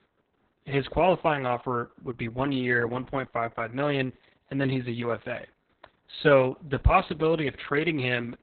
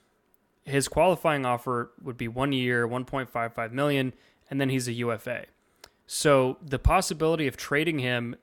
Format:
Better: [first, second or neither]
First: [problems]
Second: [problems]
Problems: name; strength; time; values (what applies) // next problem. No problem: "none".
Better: second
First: garbled, watery; badly; nothing above 4 kHz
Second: none